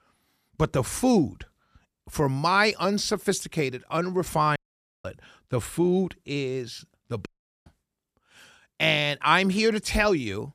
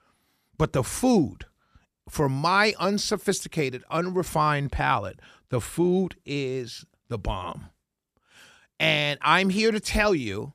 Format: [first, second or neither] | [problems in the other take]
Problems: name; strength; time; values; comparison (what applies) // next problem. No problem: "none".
second | audio cutting out; at 4.5 s and at 7.5 s